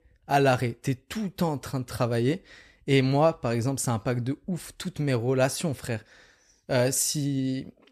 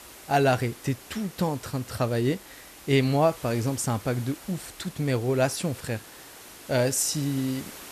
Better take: first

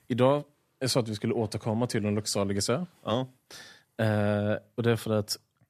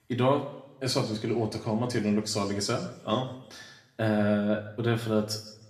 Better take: first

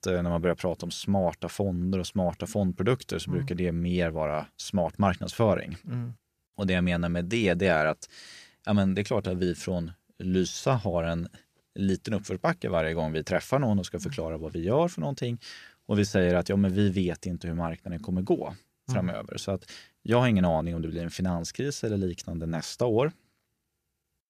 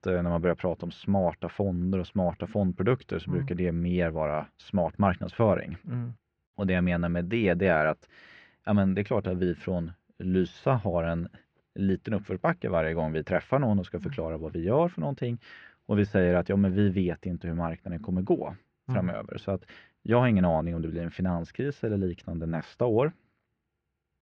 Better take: first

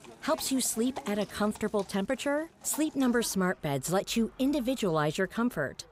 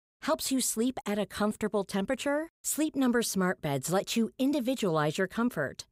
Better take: second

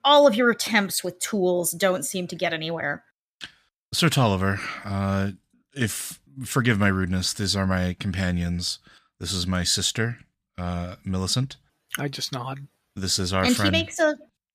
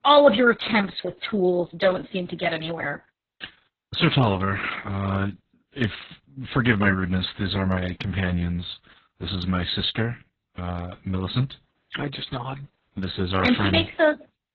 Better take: first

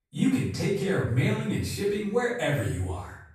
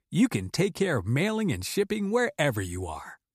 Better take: second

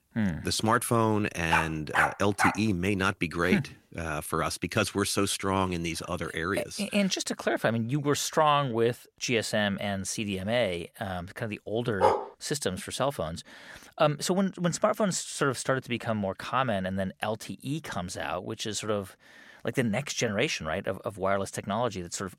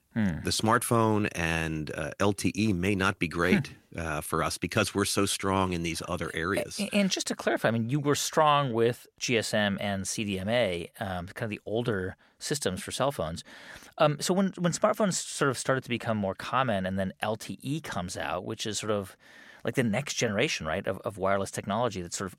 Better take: second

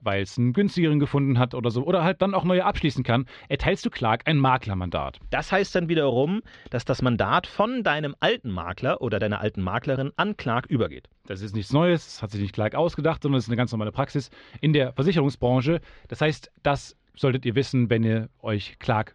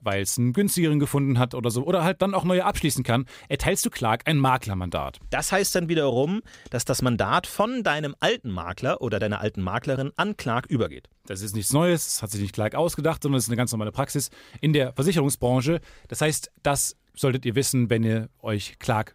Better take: second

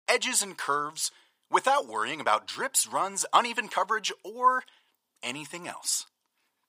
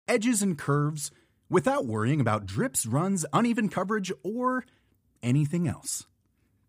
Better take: second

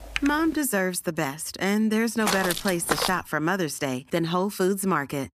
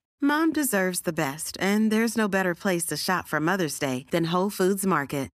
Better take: second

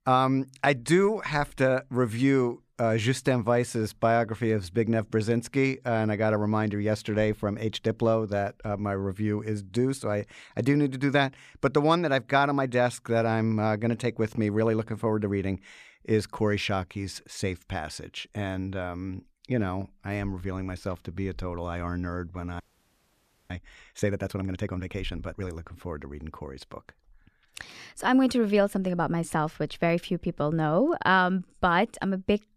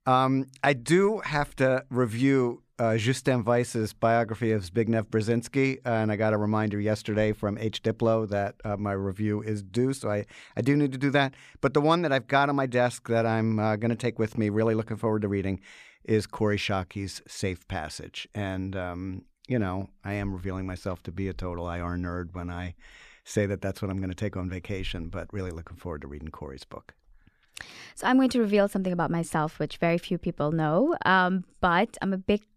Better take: second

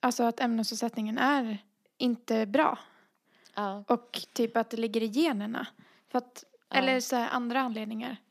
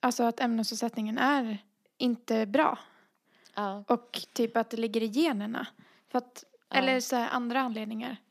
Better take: neither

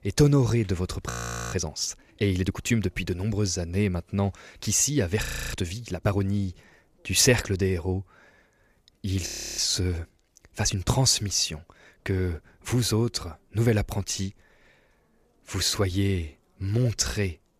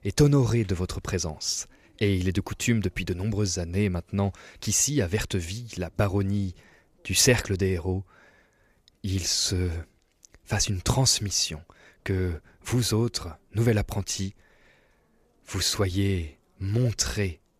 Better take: second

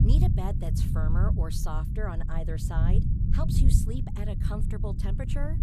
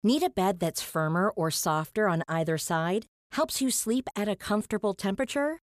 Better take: second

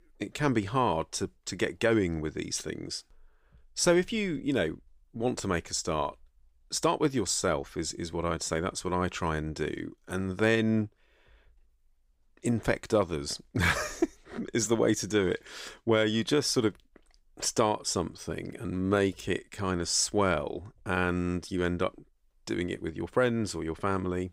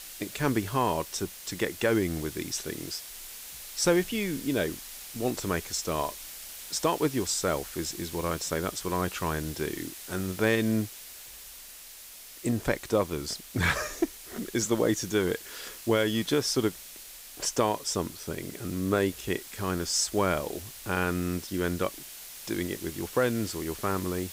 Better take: first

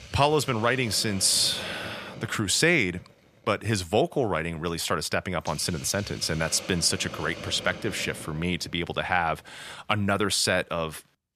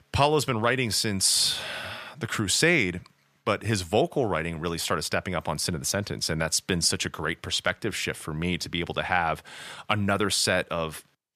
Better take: second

